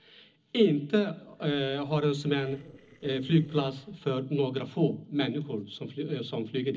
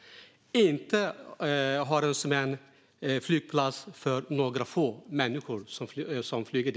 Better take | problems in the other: second | noise reduction (neural separator model SepFormer DNS4)

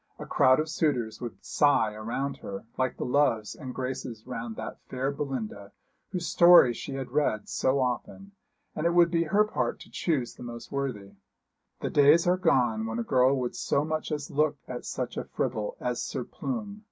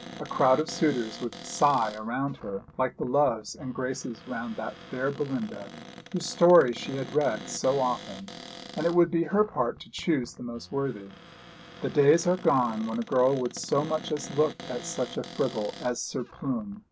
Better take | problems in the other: first | background sound (Cupboard open or close); 17 dB below the speech

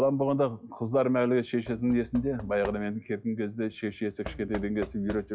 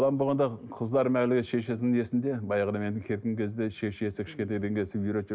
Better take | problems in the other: second | noise reduction (classical method log-MMSE)

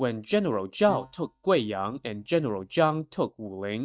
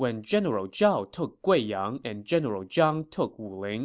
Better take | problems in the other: second | noise reduction (neural mask model DeepFilterNet 3)

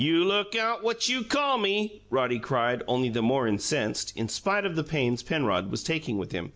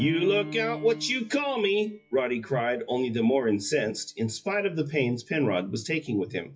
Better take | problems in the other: first | noise reduction (classical method WPE with log-MMSE)

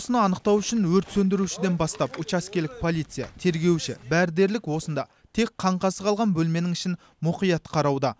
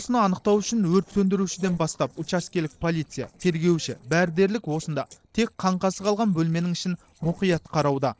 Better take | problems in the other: first | noise reduction (neural separator model SepFormer DNS4)

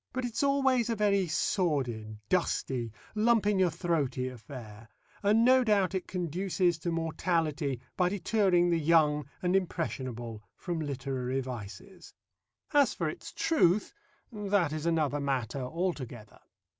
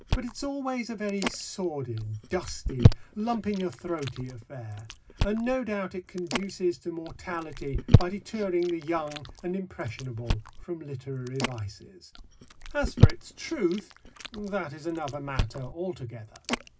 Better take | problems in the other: first | background sound (Chewing, mastication); 3 dB above the speech // room echo; dies away in 0.4 s

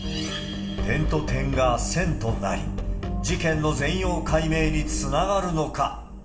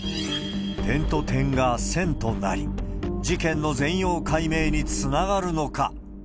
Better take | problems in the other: second | room echo; dies away in 1.7 s

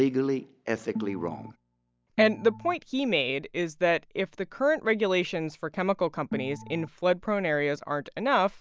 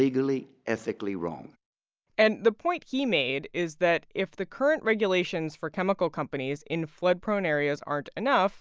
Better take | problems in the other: second | background sound (Organ); 12 dB below the speech

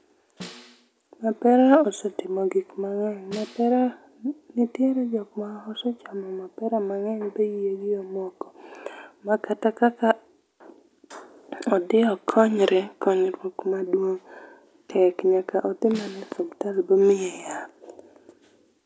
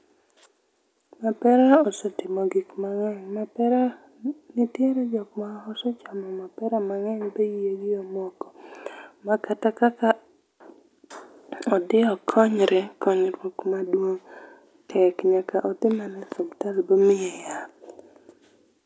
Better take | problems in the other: second | background sound (Snare drum); 20 dB below the speech

